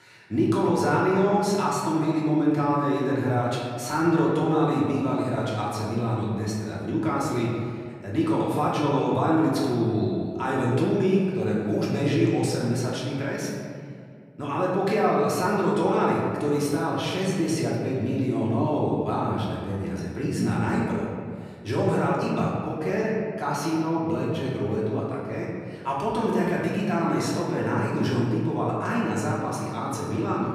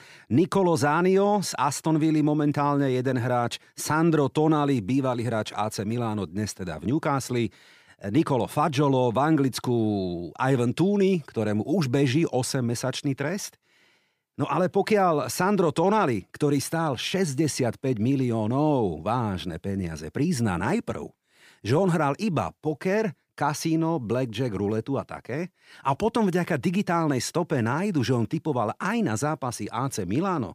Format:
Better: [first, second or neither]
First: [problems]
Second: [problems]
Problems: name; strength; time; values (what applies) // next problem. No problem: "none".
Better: second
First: off-mic speech; far // room echo; noticeable; dies away in 2 s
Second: none